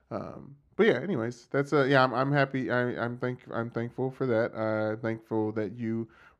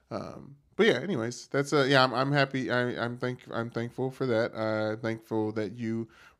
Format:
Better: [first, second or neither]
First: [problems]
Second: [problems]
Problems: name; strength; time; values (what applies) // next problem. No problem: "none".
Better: second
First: muffled; slightly; fading above 3 kHz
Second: none